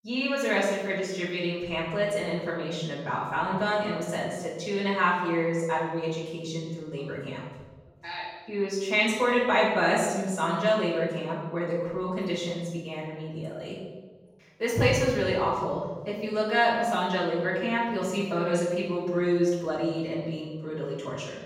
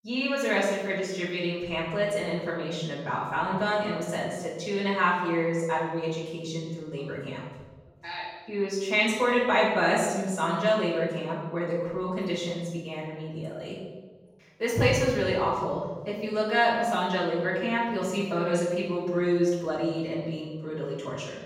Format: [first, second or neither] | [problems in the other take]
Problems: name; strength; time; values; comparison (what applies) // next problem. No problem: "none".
neither | room echo; noticeable; dies away in 1.2 s; the same in both // off-mic speech; far; the same in both